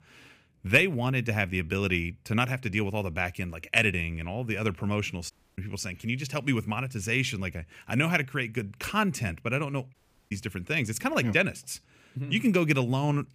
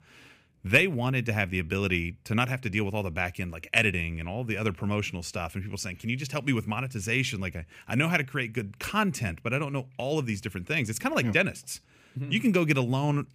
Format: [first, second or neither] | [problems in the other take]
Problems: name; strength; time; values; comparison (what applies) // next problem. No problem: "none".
second | audio cutting out; at 5.5 s and at 10 s